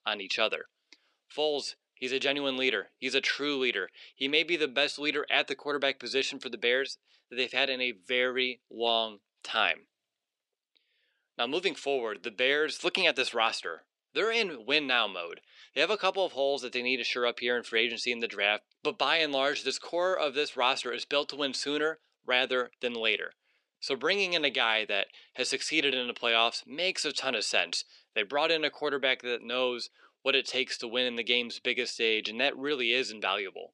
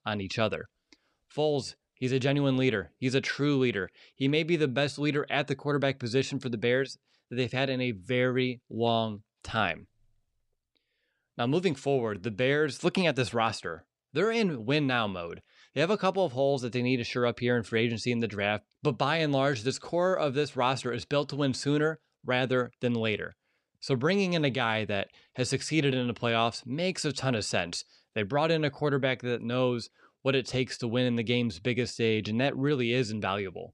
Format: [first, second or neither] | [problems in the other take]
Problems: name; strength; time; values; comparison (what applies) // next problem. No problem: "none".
second | thin; somewhat; fading below 350 Hz